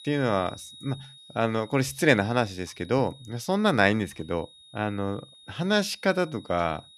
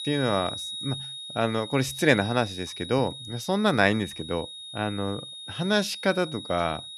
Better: first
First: high-pitched whine; faint; throughout; 4 kHz, 20 dB below the speech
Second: high-pitched whine; loud; throughout; 4 kHz, 9 dB below the speech

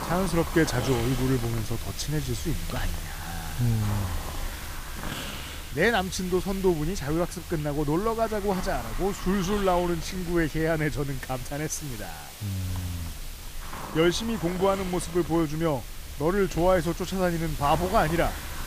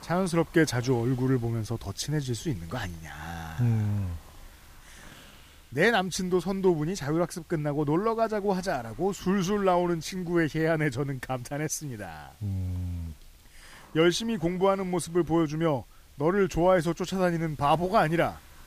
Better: second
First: hiss; loud; throughout; 9 dB below the speech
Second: hiss; faint; throughout; 25 dB below the speech

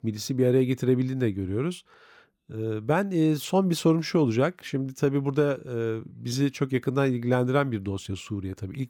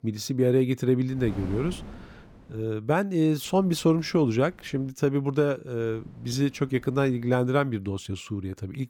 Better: first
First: none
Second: wind noise on the microphone; occasional gusts; from 1 to 2.5 s, from 3.5 to 5 s and from 6 to 7.5 s; 20 dB below the speech

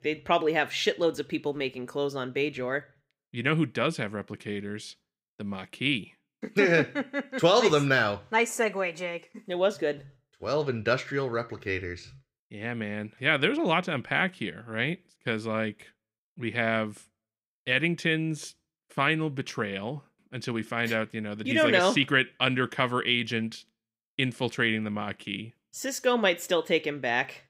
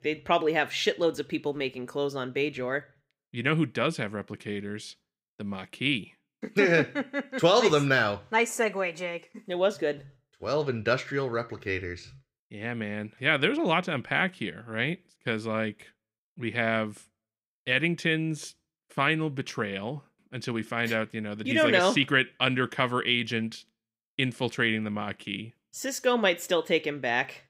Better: neither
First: none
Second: none

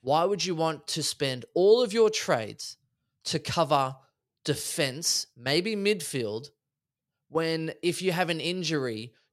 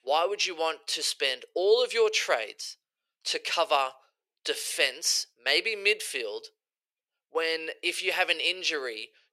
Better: first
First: none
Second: thin; very; fading below 450 Hz

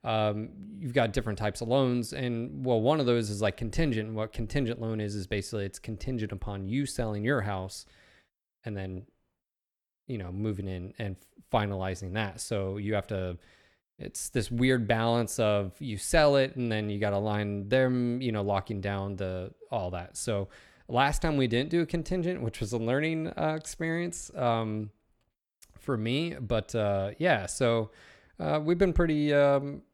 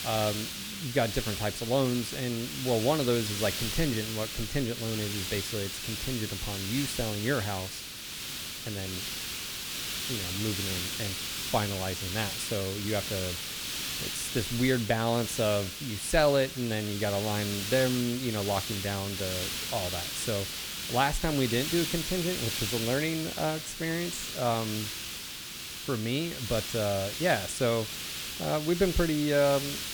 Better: first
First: none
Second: hiss; loud; throughout; 3 dB below the speech

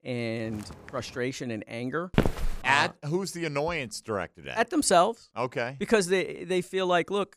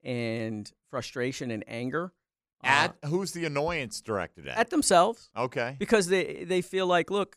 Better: second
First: footsteps; faint; at 0.5 s; peak 15 dB below the speech // footsteps; loud; at 2 s; peak 1 dB above the speech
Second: none

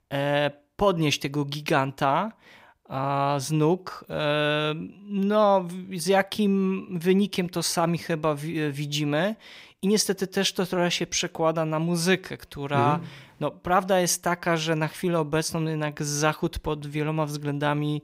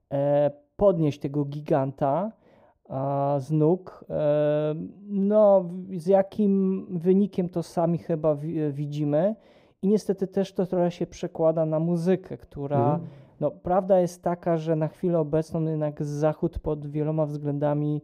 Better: first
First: none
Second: muffled; very; fading above 1 kHz

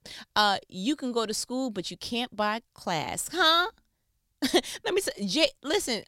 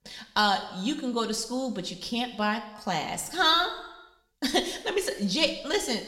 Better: first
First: none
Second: room echo; slight; dies away in 0.8 s

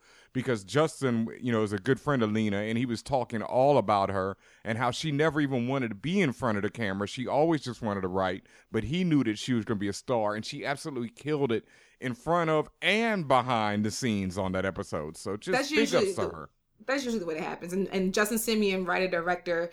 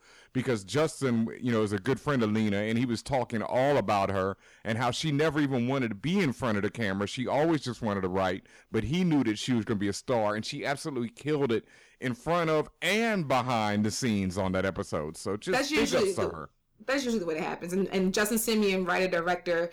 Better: first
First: none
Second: distortion; slight; 7% of the sound clipped

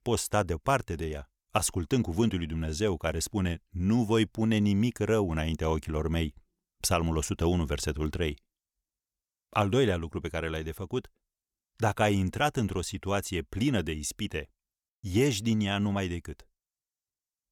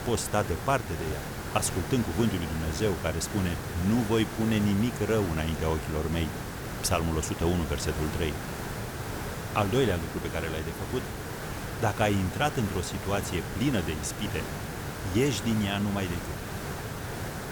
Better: first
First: none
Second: hiss; loud; throughout; 6 dB below the speech

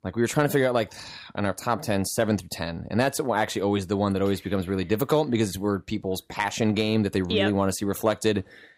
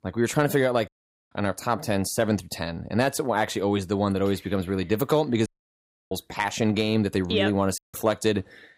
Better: first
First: none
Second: audio cutting out; at 1 s, at 5.5 s for 0.5 s and at 8 s

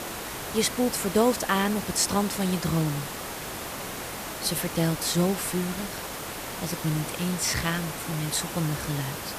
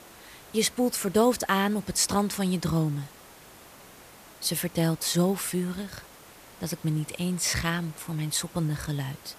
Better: second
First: hiss; loud; throughout; 7 dB below the speech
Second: hiss; faint; throughout; 20 dB below the speech

